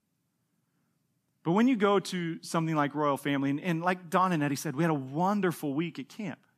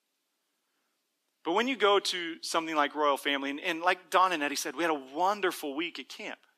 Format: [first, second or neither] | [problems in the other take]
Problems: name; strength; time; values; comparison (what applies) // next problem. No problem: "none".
first | thin; somewhat; fading below 350 Hz